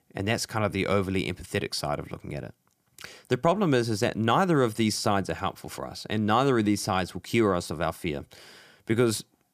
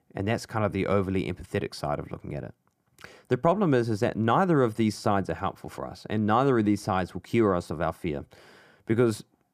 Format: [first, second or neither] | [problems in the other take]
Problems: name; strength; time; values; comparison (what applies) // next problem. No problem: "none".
first | muffled; slightly; fading above 2 kHz